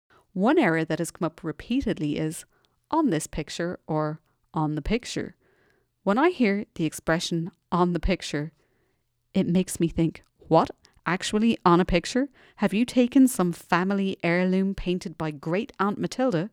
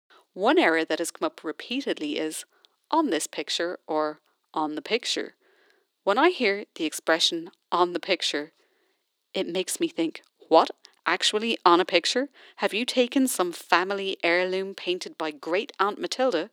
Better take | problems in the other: first | thin; somewhat; fading below 300 Hz

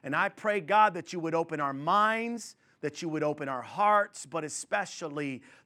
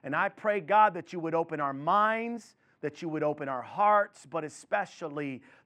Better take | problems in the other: first | muffled; slightly; fading above 3.5 kHz

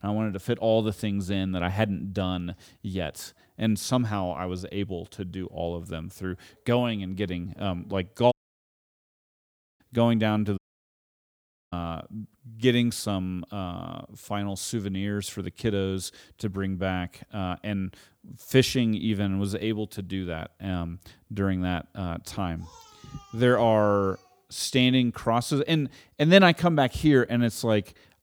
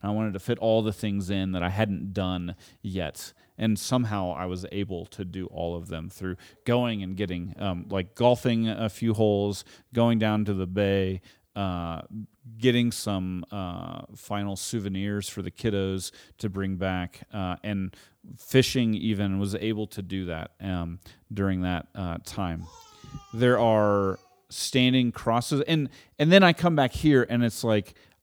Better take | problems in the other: second | audio cutting out; at 8.5 s for 1.5 s and at 11 s for 1 s

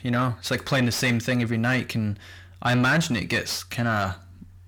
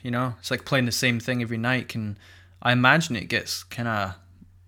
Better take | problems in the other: second | distortion; heavy; 7 dB below the speech

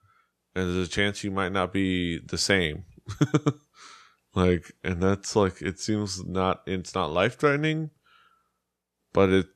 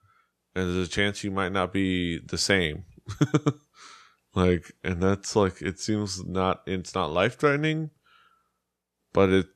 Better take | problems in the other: neither | none

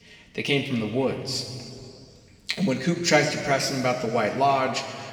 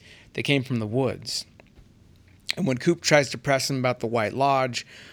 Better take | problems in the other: second | room echo; noticeable; dies away in 2.1 s // off-mic speech; somewhat distant

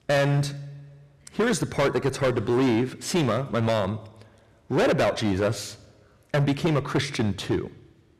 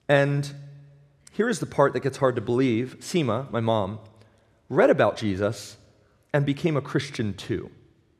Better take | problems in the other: second | distortion; heavy; 12% of the sound clipped

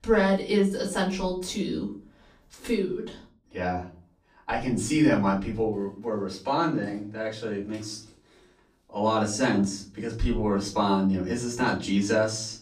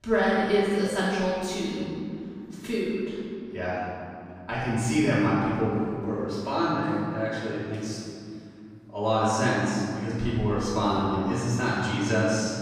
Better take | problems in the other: first | room echo; strong; dies away in 2.5 s; slight in the first // off-mic speech; far; far in the first

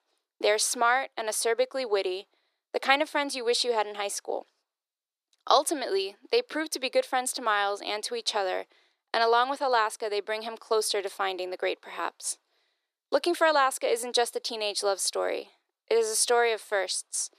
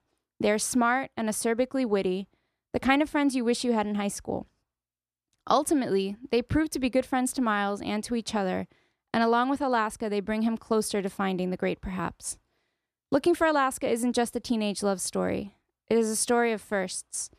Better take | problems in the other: second | thin; very; fading below 400 Hz

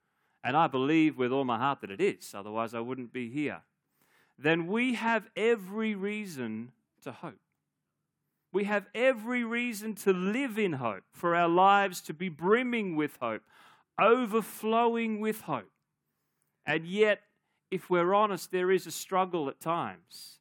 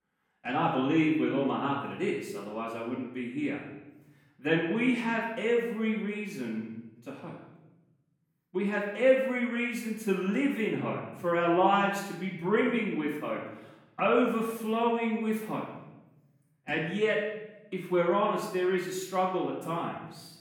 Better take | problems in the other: first | off-mic speech; far // room echo; noticeable; dies away in 0.9 s

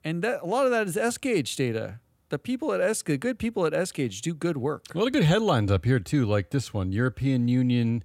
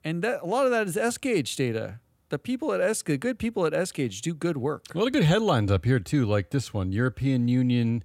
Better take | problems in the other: neither | none

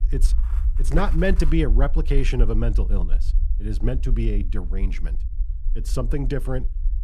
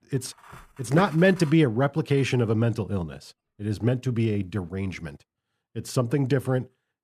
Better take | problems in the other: second | low rumble; noticeable; throughout; 20 dB below the speech

